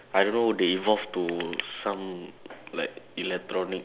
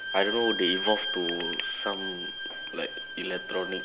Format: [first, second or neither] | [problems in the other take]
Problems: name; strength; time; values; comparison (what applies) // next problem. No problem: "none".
first | background sound (Bowed string instrument); 2 dB below the speech